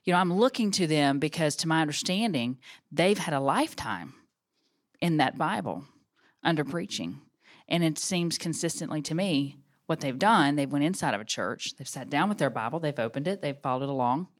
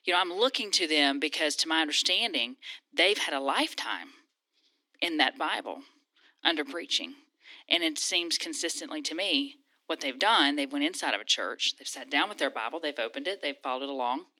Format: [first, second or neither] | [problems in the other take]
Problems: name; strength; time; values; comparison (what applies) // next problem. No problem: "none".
first | thin; very slightly; fading below 300 Hz